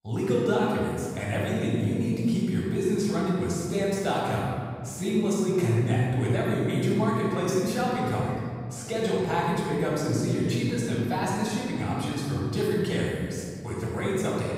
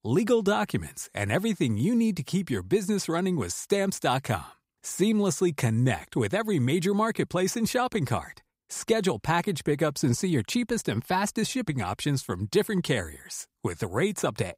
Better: second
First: off-mic speech; far // room echo; strong; dies away in 2.2 s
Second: none

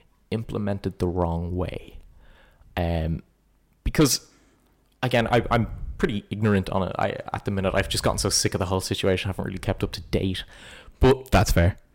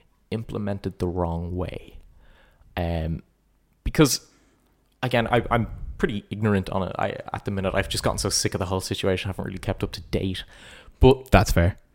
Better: second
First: distortion; slight; 1.2% of the sound clipped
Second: none

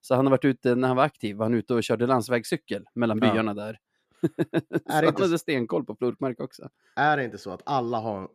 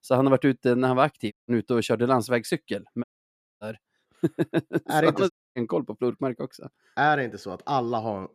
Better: first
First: none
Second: audio cutting out; at 1.5 s, at 3 s for 0.5 s and at 5.5 s

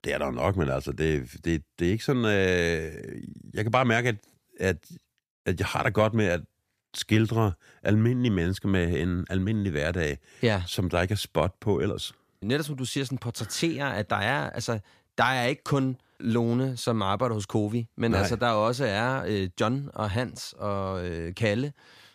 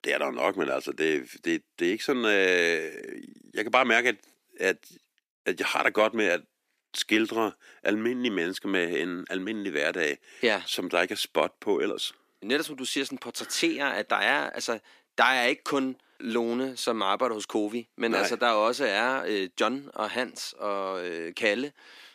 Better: first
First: none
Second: thin; somewhat; fading below 300 Hz

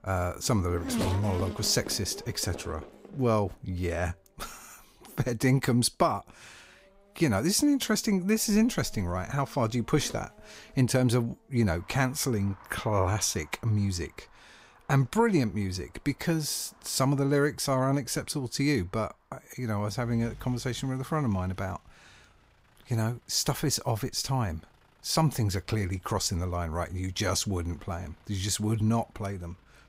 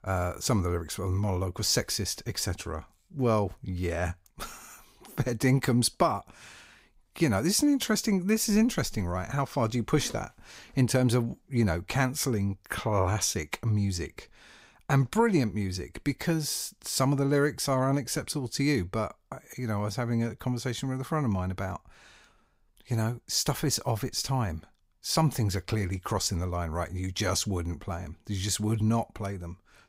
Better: second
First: traffic noise; noticeable; throughout; 15 dB below the speech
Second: none

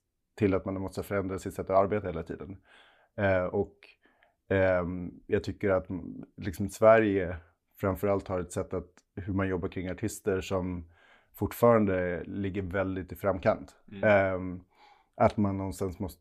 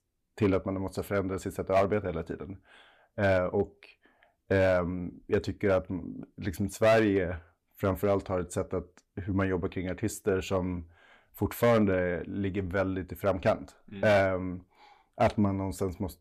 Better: first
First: none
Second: distortion; slight; 2% of the sound clipped

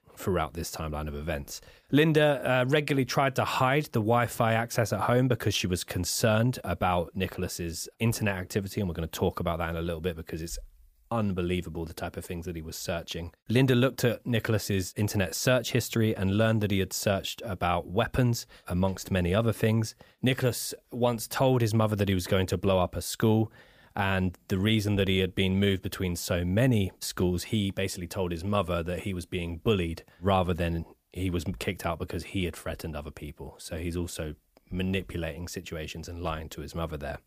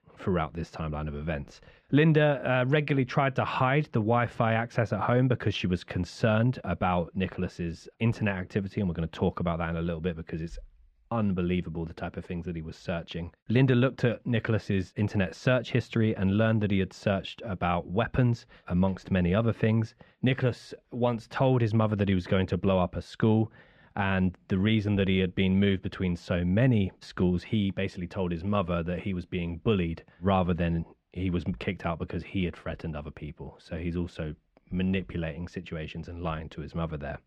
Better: first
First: none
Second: muffled; slightly; fading above 2.5 kHz

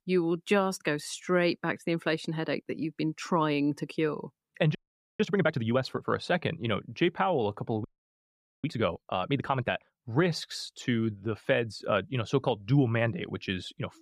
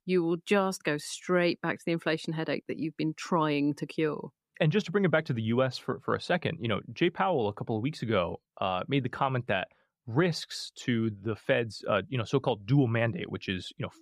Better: second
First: audio freezing; at 5 s and at 8 s for 1 s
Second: none

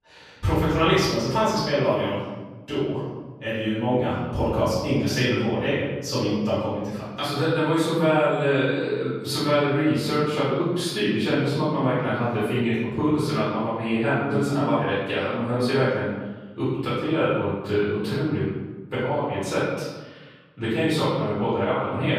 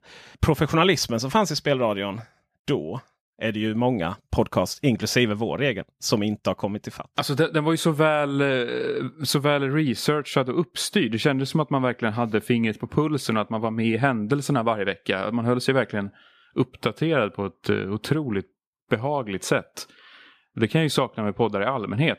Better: second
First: off-mic speech; far // room echo; strong; dies away in 1.2 s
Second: none

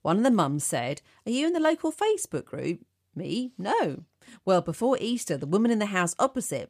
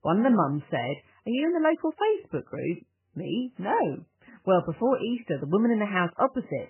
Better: first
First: none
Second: garbled, watery; badly; nothing above 3 kHz

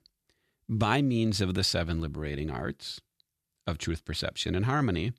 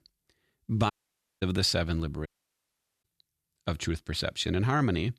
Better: first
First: none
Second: audio cutting out; at 1 s for 0.5 s and at 2.5 s for 1 s

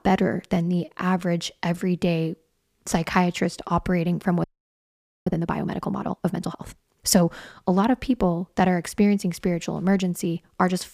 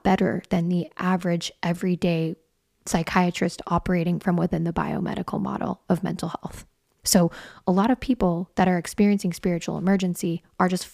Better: second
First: audio freezing; at 4.5 s for 1 s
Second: none

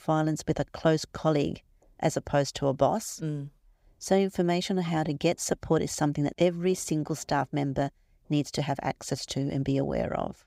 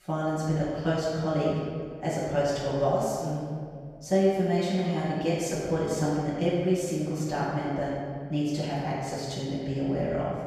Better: first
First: none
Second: off-mic speech; far // room echo; strong; dies away in 1.8 s

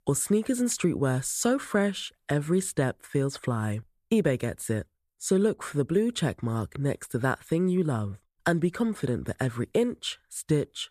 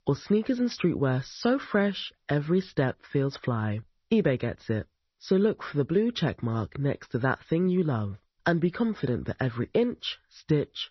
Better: first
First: none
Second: garbled, watery; slightly; nothing above 6 kHz

